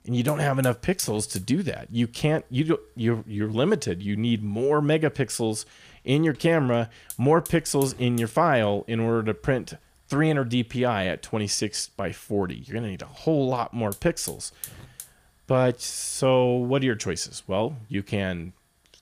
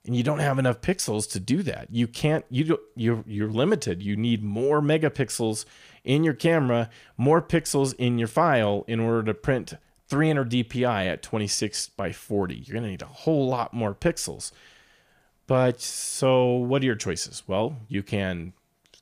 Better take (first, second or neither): second